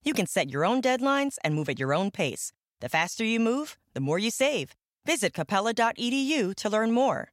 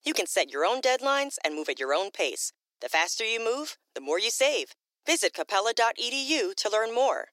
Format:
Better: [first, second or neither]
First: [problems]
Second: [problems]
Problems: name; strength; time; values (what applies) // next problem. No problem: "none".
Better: first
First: none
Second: thin; very; fading below 300 Hz